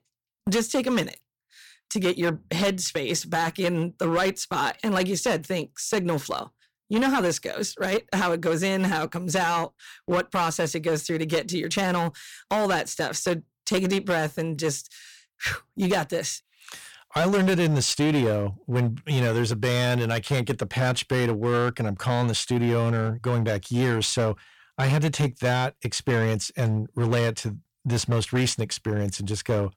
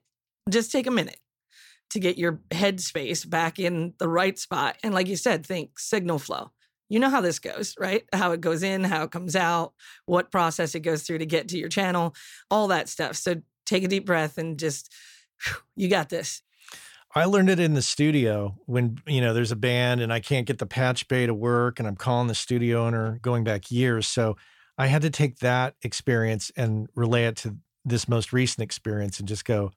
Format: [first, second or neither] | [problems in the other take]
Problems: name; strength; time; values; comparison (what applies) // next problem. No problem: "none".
second | distortion; slight; 9% of the sound clipped